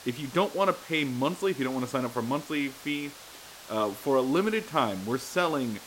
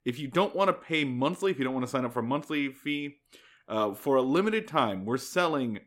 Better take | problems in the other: second | hiss; noticeable; throughout; 15 dB below the speech

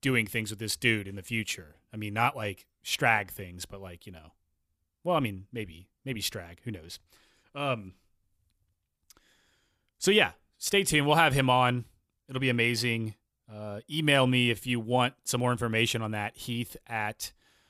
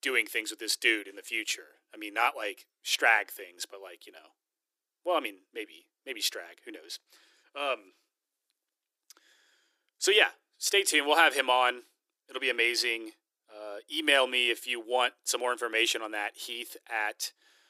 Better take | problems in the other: first | thin; very; fading below 300 Hz

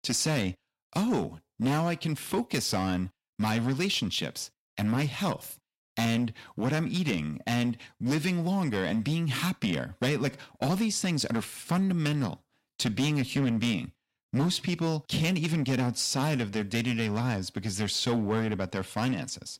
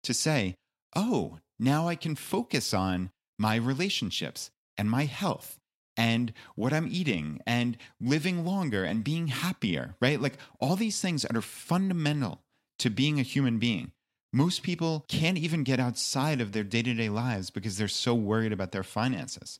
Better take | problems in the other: second | distortion; slight; 8% of the sound clipped

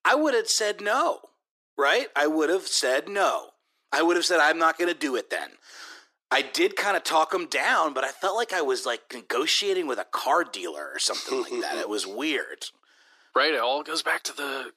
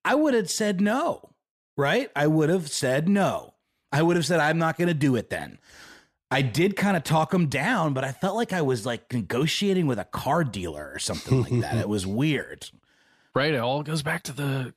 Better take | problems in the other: second | thin; very; fading below 350 Hz

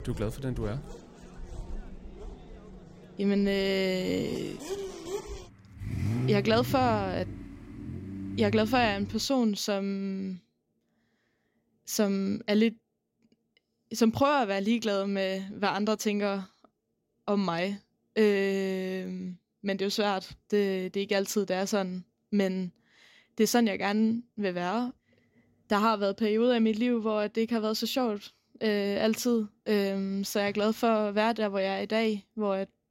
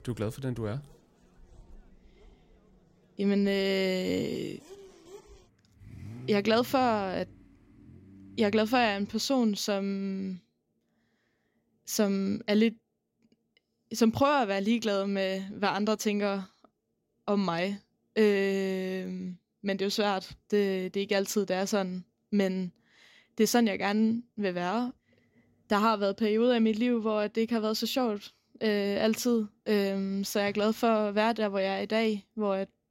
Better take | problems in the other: second | traffic noise; loud; until 9 s; 10 dB below the speech; faint in the second

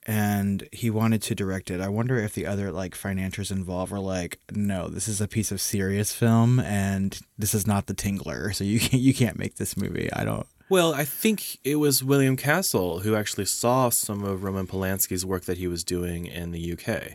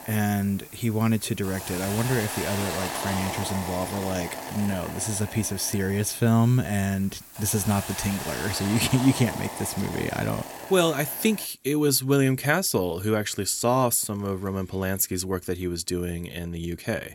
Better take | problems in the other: first | hiss; loud; until 11 s; 9 dB below the speech

